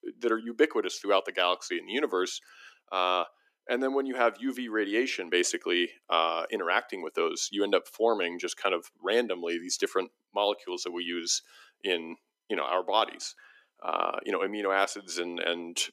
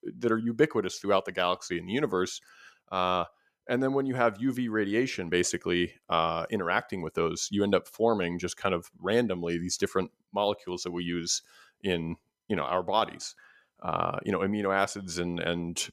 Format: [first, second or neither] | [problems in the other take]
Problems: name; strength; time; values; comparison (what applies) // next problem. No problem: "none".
second | thin; very slightly; fading below 250 Hz